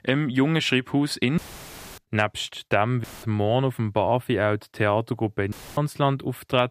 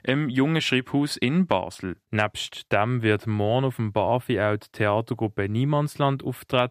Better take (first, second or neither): second